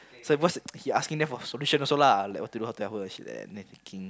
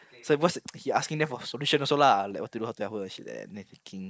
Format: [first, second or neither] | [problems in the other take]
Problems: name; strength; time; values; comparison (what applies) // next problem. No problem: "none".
first | noise reduction (neural mask model Resemble Enhance denoiser)